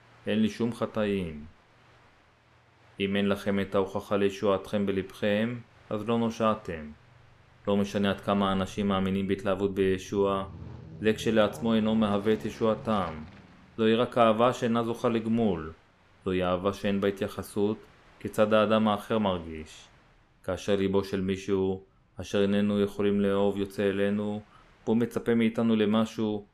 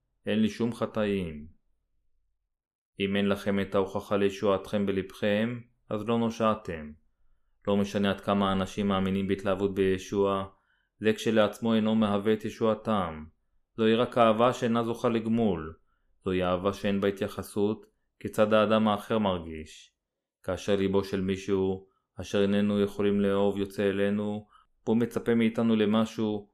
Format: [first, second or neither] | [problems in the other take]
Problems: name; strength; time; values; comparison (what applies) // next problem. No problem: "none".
second | train or aircraft noise; faint; throughout; 25 dB below the speech